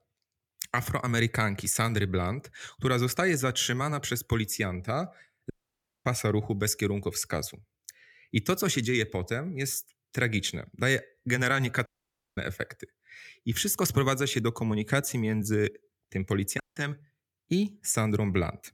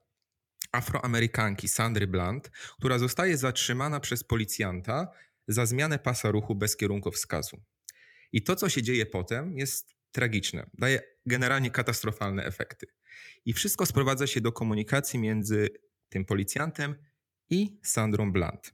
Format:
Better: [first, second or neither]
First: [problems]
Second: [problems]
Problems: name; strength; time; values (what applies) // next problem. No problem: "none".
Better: second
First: audio cutting out; at 5.5 s for 0.5 s, at 12 s for 0.5 s and at 17 s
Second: none